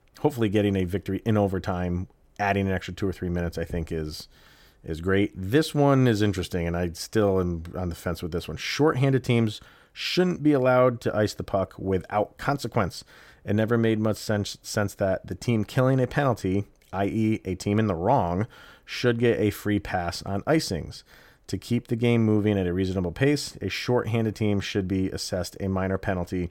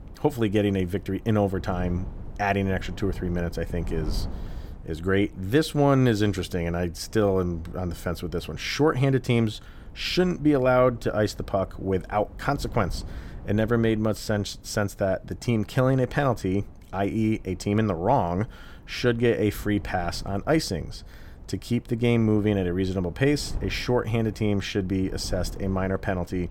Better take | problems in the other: first | wind noise on the microphone; occasional gusts; 25 dB below the speech

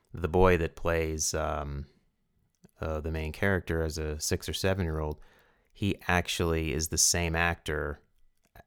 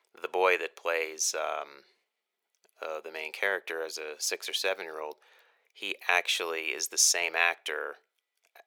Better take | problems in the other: first | thin; very; fading below 450 Hz

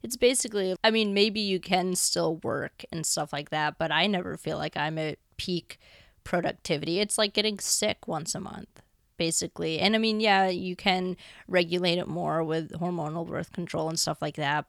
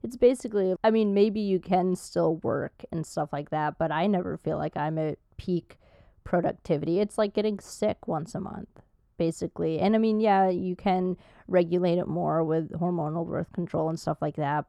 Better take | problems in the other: first | muffled; very; fading above 1.5 kHz

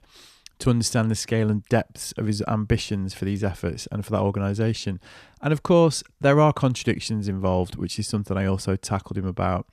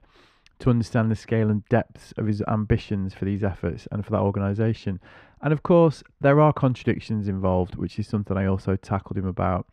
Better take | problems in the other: first | muffled; very; fading above 4 kHz

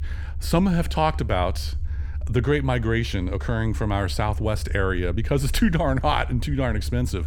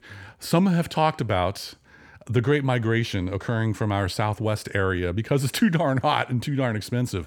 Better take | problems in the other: second | low rumble; faint; throughout; 25 dB below the speech

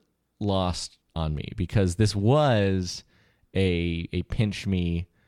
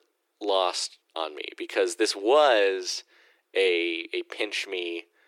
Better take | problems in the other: first | thin; very; fading below 350 Hz

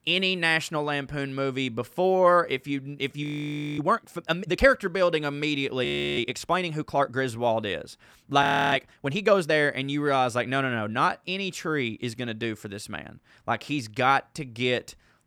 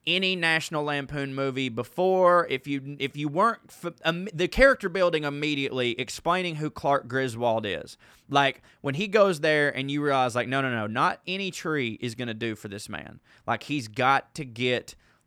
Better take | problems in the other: second | audio freezing; at 3 s for 0.5 s, at 6 s and at 8.5 s

